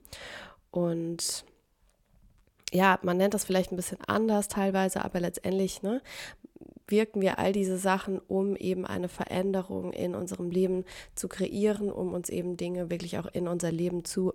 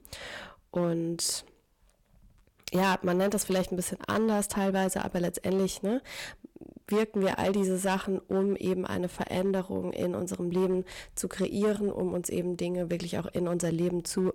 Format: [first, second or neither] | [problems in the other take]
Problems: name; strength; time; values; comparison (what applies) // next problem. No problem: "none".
first | distortion; slight; 6% of the sound clipped